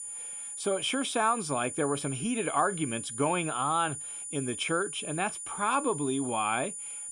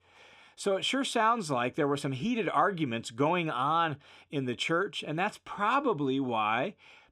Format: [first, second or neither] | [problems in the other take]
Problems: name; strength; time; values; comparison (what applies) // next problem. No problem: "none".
second | high-pitched whine; loud; throughout; 9.5 kHz, 6 dB below the speech